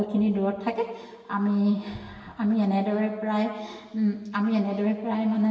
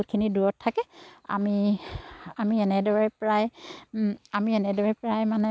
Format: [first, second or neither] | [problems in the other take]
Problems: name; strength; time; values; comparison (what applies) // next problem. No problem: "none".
second | room echo; dies away in 1.3 s